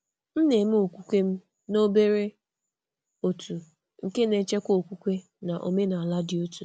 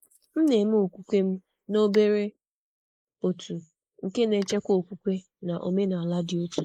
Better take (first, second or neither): first